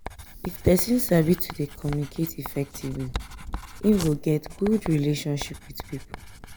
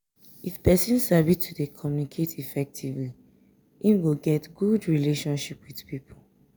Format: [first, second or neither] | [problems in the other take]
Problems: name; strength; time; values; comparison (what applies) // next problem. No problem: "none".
second | background sound (Writing); 12 dB below the speech